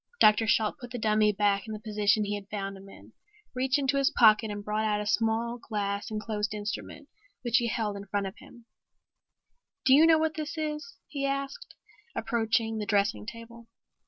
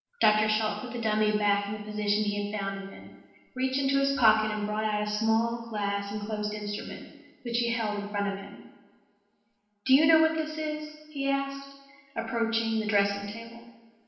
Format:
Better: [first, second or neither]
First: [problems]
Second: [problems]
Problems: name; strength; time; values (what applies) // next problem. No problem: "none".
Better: first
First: none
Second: room echo; dies away in 0.9 s